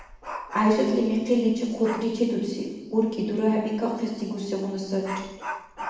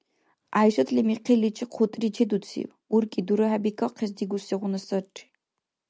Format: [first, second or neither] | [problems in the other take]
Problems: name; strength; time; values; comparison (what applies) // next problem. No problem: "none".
second | background sound (Dog); 14 dB below the speech // room echo; dies away in 1.1 s